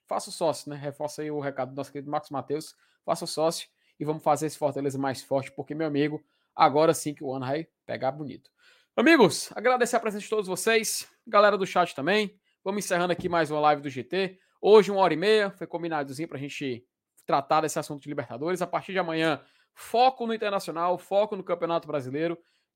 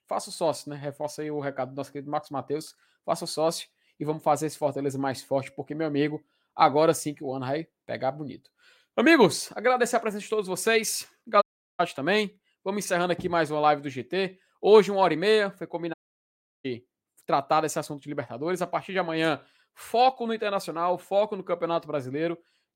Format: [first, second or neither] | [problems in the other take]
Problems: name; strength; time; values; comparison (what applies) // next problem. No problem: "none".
first | audio cutting out; at 11 s and at 16 s for 0.5 s